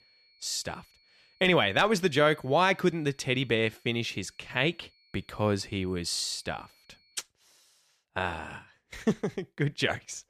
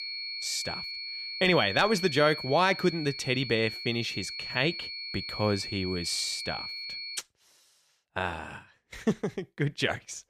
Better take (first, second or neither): first